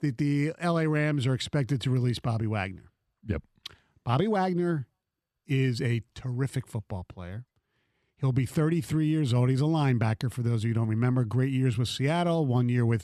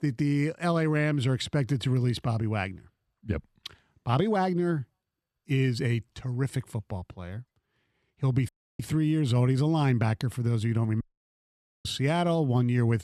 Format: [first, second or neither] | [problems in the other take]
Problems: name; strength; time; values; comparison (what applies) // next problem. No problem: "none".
first | audio cutting out; at 8.5 s and at 11 s for 1 s